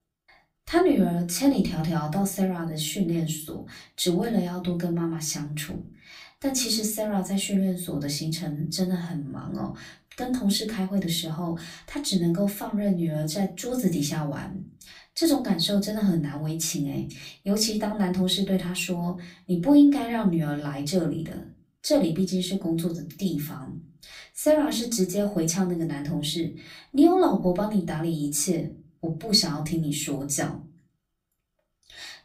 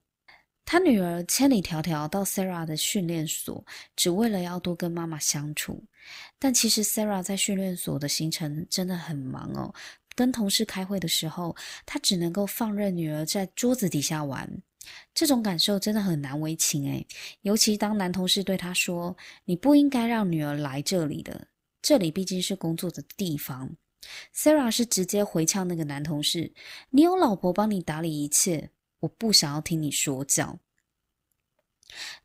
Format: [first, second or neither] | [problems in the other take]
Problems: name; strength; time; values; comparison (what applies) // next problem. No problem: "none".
second | off-mic speech; far // room echo; very slight; dies away in 0.3 s